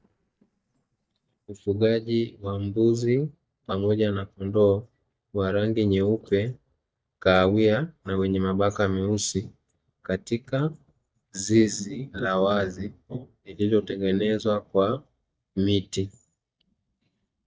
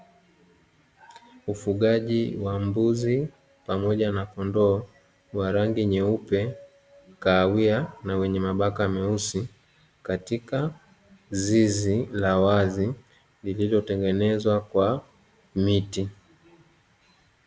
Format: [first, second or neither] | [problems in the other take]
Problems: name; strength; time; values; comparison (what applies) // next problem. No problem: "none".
second | noise reduction (neural mask model DeepFilterNet 3)